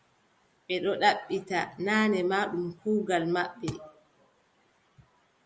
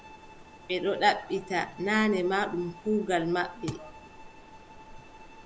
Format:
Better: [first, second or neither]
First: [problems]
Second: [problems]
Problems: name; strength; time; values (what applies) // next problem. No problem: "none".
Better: first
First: none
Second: background sound (Stream + Bowed string instrument); 18 dB below the speech